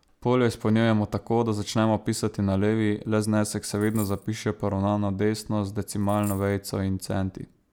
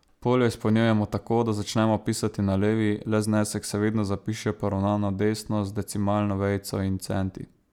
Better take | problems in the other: second | background sound (Coin (dropping)); 20 dB below the speech

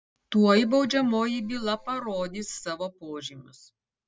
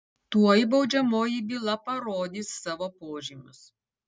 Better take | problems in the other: second | background sound (Keyboard (musical)); 19 dB below the speech

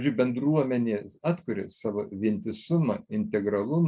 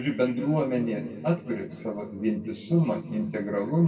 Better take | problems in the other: first | room echo; dies away in 1.8 s

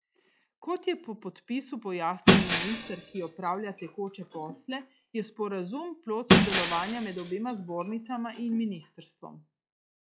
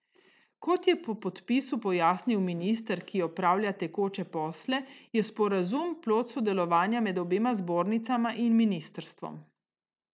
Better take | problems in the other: second | noise reduction (classical method log-MMSE)

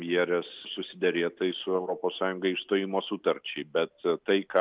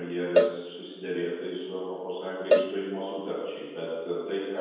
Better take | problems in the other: first | background sound (Cowbell); 2 dB above the speech // room echo; dies away in 1.2 s

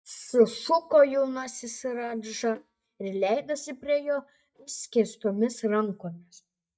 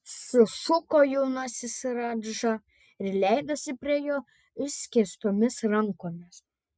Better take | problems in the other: second | noise reduction (neural mask model DeepFilterNet 3)

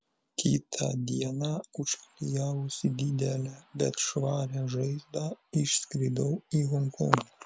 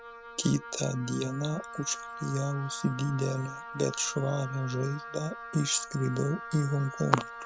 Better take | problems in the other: first | background sound (Wind instrument, woodwind instrument); 11 dB below the speech

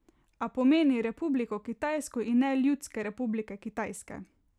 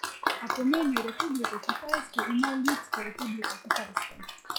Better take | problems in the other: first | noise reduction (classical method log-MMSE)

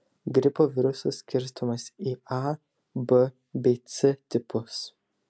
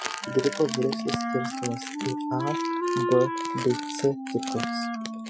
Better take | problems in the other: first | noise reduction (classical method Wiener filter)

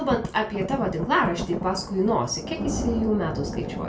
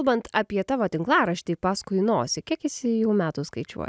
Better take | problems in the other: second | background sound (Thunder); 6 dB below the speech // room echo; dies away in 0.3 s

